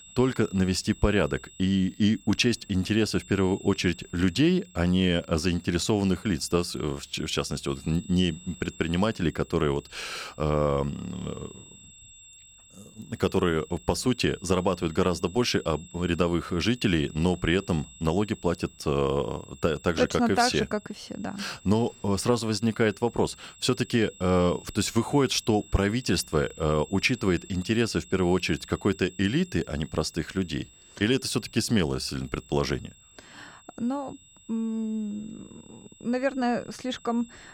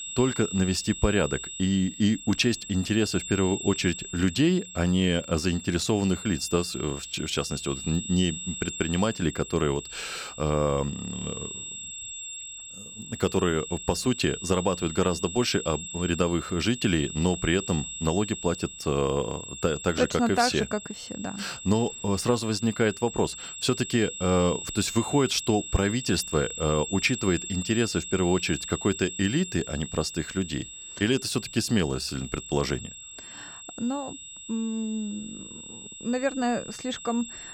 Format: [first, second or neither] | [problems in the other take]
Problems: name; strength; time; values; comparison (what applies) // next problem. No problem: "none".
first | high-pitched whine; loud; throughout; 7.5 kHz, 10 dB below the speech; faint in the first